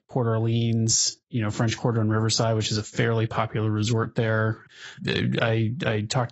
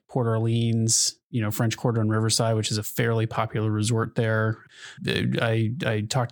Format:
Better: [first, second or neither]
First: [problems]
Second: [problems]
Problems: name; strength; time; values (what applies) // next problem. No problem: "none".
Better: second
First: garbled, watery; badly; nothing above 8 kHz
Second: none